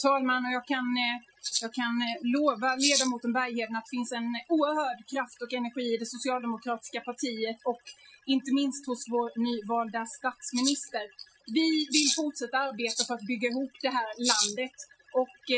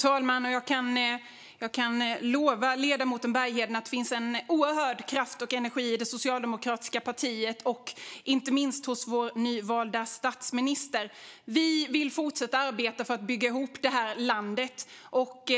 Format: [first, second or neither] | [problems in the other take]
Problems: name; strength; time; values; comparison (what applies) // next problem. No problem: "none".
second | noise reduction (classical method Wiener filter)